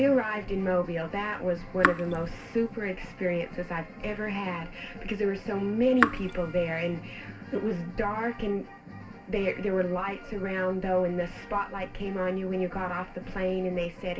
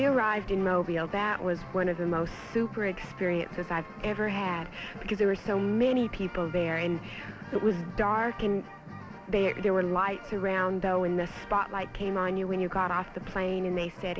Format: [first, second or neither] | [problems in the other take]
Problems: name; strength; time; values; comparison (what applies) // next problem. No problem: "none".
second | background sound (Raindrop / Drip); 2 dB below the speech // room echo; dies away in 0.2 s